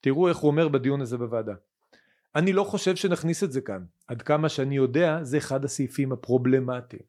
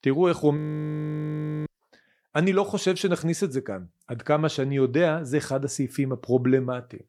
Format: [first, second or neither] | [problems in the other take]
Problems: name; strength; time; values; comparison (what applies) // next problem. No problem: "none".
first | audio freezing; at 0.5 s for 1 s